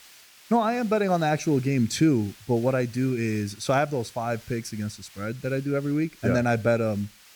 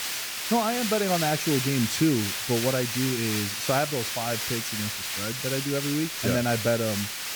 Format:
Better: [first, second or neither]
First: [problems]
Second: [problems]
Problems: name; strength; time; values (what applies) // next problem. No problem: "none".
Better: first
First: hiss; faint; throughout; 25 dB below the speech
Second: hiss; loud; throughout; 1 dB below the speech